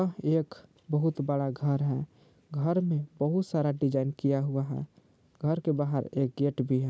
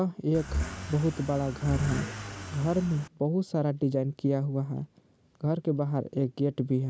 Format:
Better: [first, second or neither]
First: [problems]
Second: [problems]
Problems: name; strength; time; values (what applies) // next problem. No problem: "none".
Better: first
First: none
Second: background sound (Accelerating, revving, vroom / Car); 6 dB below the speech